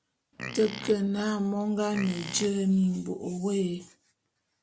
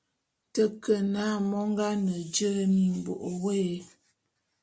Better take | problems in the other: second | background sound (Livestock, farm animals, working animals); 12 dB below the speech

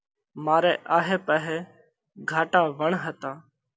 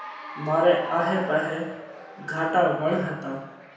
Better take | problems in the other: first | background sound (Applause / Cheering); 14 dB below the speech // room echo; dies away in 0.9 s

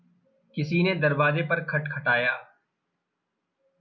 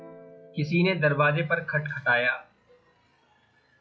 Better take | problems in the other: first | noise reduction (classical method log-MMSE)

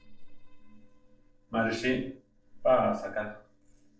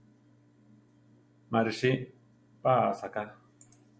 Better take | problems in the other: second | noise reduction (neural separator model SepFormer DNS4)

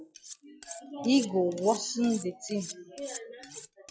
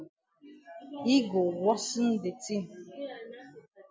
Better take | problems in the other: second | noise reduction (classical method log-MMSE)

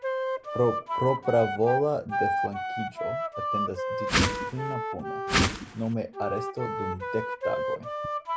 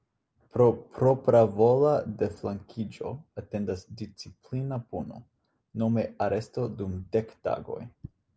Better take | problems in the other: second | background sound (Whoosh, swoosh, swish + Wind instrument, woodwind instrument); 1 dB above the speech

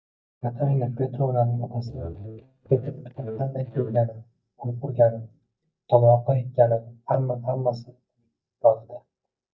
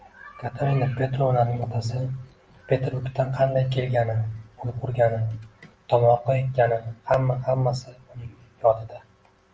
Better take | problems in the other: second | noise reduction (neural mask model DeepFilterNet 3)

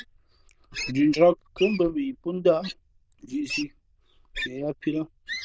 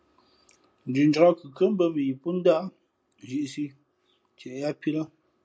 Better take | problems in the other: second | noise reduction (neural diffusion model UNIVERSE++)

